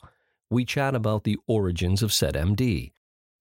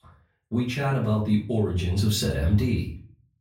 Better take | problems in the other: first | off-mic speech; far // room echo; slight; dies away in 0.4 s

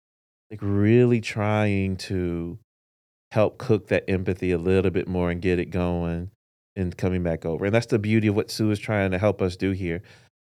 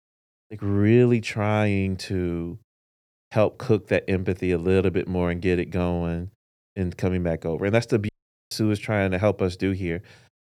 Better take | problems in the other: first | audio cutting out; at 8 s

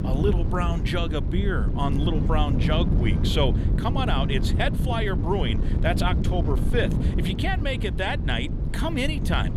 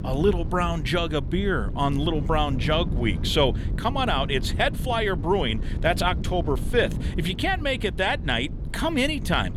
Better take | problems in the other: second | wind noise on the microphone; heavy; 7 dB below the speech; occasional gusts in the second

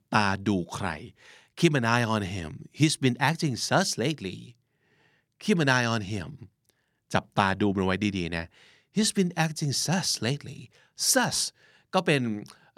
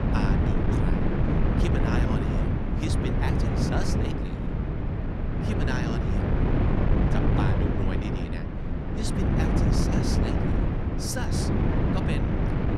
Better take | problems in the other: first | wind noise on the microphone; heavy; 4 dB above the speech

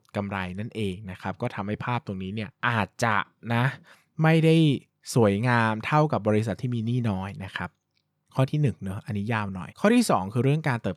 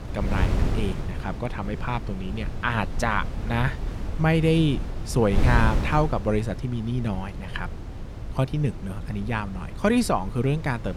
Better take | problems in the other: first | wind noise on the microphone; occasional gusts; 10 dB below the speech

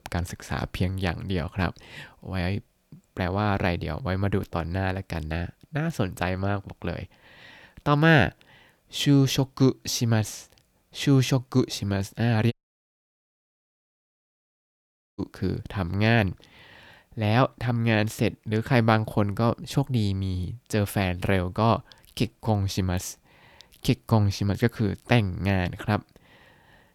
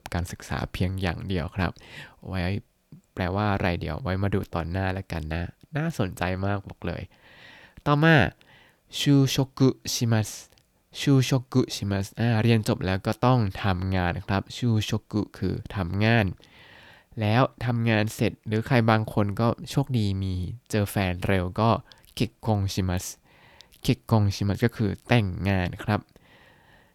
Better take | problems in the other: second | audio cutting out; at 13 s for 2.5 s

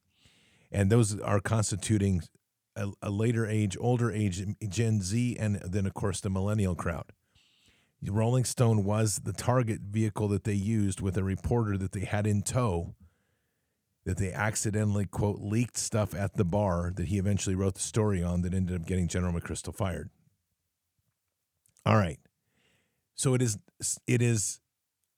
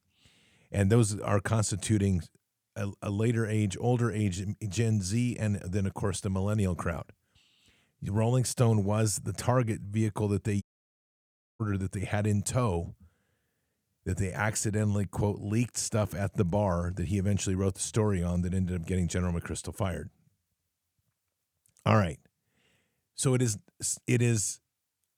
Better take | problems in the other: first | audio cutting out; at 11 s for 1 s

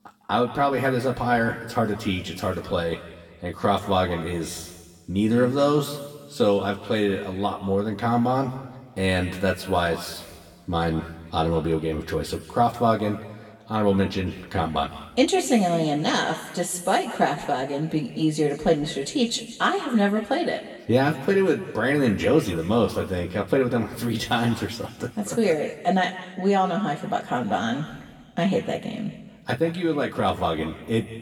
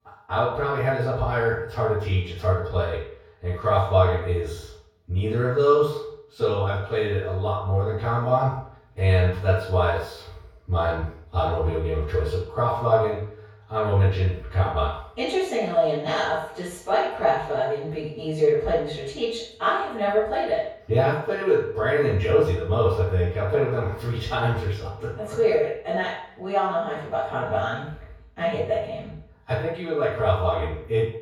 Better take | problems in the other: first | room echo; strong; dies away in 0.7 s; slight in the first // off-mic speech; far; somewhat distant in the first

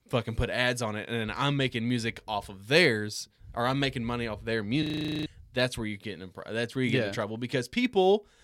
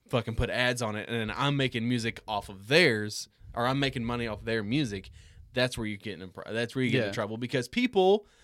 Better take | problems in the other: second | audio freezing; at 5 s

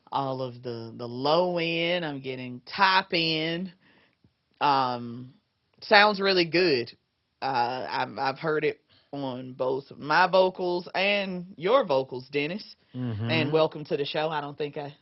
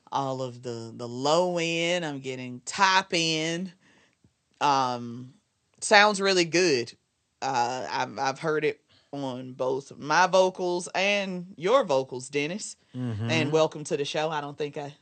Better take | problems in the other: second | garbled, watery; badly; nothing above 5.5 kHz; slightly in the second

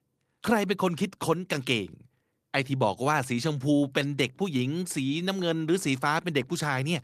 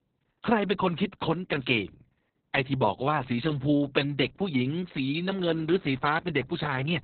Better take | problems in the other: first | garbled, watery; badly; nothing above 4 kHz; slightly in the first

